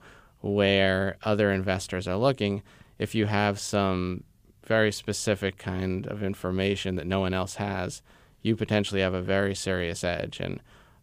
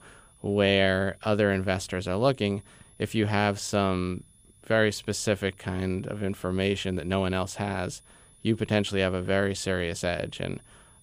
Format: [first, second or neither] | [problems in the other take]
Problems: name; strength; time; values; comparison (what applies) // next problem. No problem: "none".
first | high-pitched whine; faint; throughout; 10.5 kHz, 30 dB below the speech